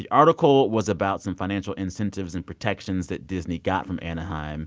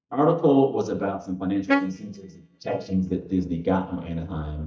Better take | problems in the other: first | noise reduction (neural mask model DeepFilterNet 3)

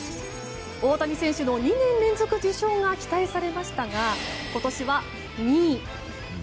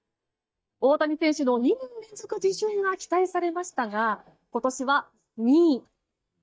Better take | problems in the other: first | noise reduction (neural mask model DeepFilterNet 3)

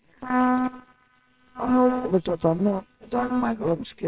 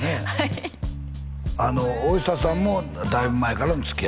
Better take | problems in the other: second | noise reduction (neural separator model SepFormer WHAMR!)

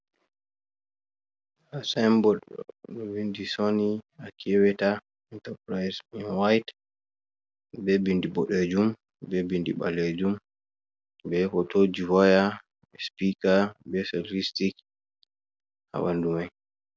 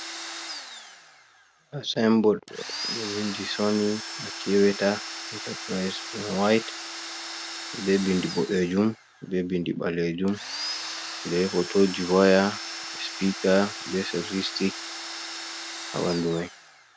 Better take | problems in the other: first | background sound (Domestic sounds, home sounds); 10 dB below the speech

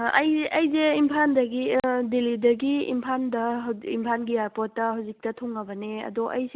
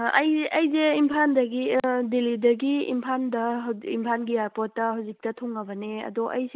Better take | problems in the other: first | noise reduction (neural mask model Resemble Enhance denoiser)

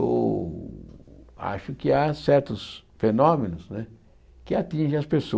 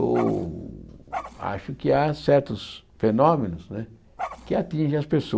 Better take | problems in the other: first | background sound (Dog); 13 dB below the speech

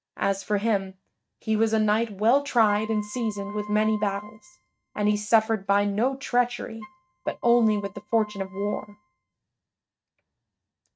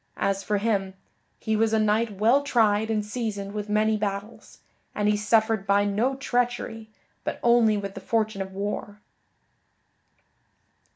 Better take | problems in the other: second | noise reduction (neural mask model RNNoise)

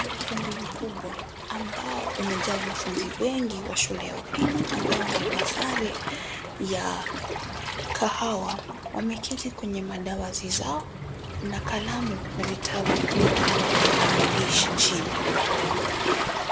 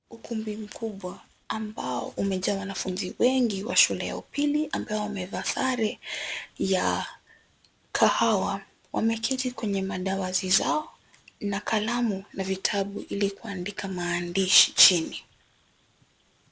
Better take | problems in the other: second | background sound (Waves, surf); 3 dB above the speech

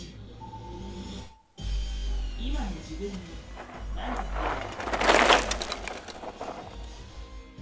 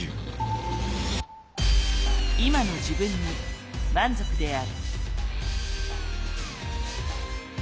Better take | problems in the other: second | background sound (Bicycle); 4 dB above the speech // room echo; dies away in 0.3 s

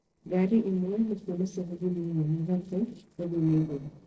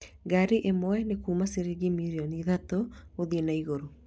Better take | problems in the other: second | noise reduction (neural separator model SepFormer DNS4)

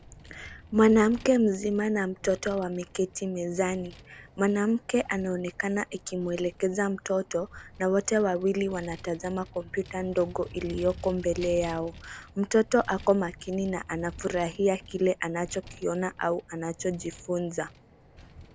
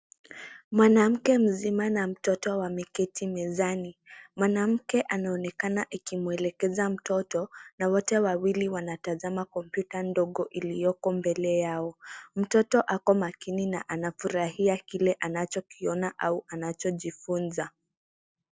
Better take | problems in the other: second | background sound (Vehicle); 19 dB below the speech

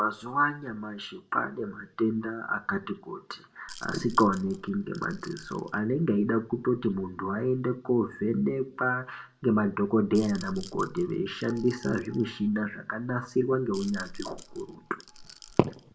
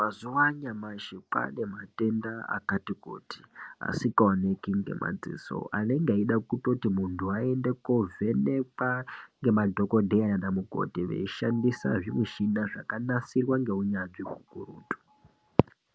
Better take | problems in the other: second | background sound (Rattle / Rattle (instrument)); 17 dB below the speech // room echo; dies away in 0.3 s

